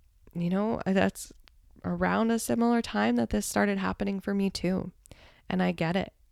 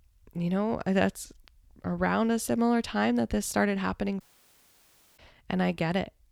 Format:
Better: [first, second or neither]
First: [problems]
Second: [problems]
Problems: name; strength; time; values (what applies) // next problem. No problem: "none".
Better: first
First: none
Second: audio cutting out; at 4 s for 1 s